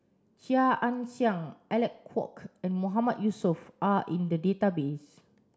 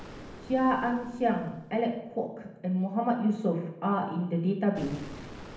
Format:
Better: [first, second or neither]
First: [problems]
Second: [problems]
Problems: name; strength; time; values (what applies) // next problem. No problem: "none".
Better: first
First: none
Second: background sound (Explosion); 18 dB below the speech // room echo; dies away in 0.8 s